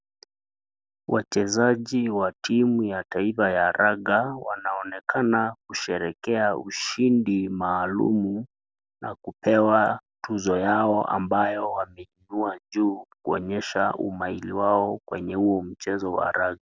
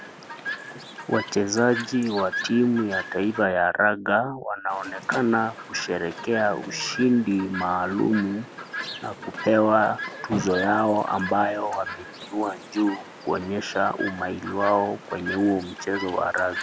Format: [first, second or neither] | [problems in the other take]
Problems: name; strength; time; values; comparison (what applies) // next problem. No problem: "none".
first | background sound (Chirp, tweet); 11 dB below the speech